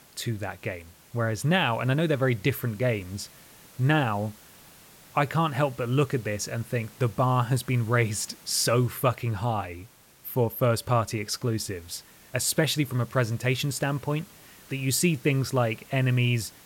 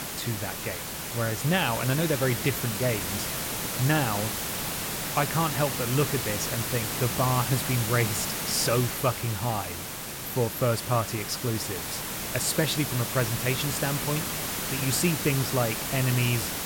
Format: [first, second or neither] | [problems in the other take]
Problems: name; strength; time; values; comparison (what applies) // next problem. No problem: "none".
first | hiss; loud; throughout; 2 dB below the speech; faint in the first